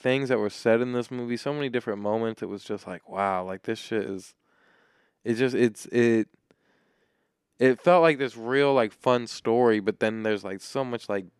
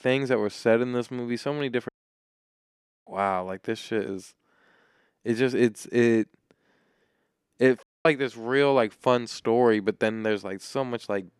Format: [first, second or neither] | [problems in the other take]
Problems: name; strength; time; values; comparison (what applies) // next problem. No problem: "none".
first | audio cutting out; at 2 s for 1 s and at 8 s